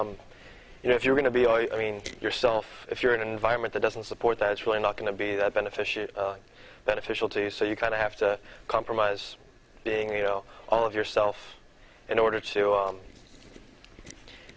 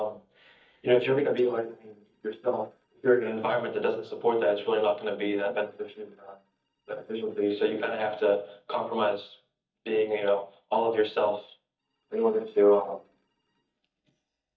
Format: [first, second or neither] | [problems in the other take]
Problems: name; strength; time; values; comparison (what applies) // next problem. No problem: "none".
first | noise reduction (neural mask model DeepFilterNet 3)